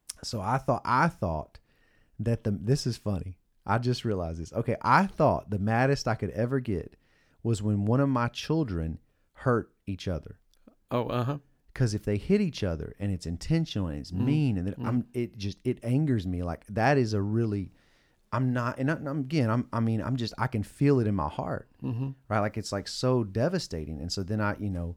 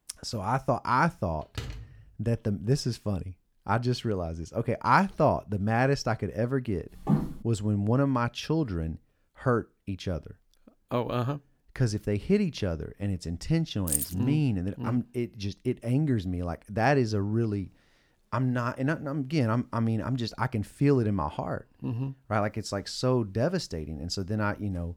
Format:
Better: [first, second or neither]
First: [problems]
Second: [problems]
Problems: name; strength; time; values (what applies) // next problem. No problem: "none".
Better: first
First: none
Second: door banging; faint; at 1.5 s; peak 10 dB below the speech // footsteps; loud; at 7 s; peak 1 dB above the speech // jangling keys; loud; at 14 s; peak 1 dB above the speech